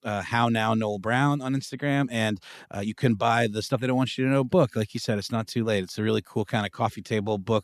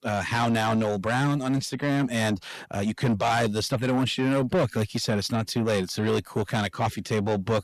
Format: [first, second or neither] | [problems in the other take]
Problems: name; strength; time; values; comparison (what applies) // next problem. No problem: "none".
first | distortion; heavy; 8 dB below the speech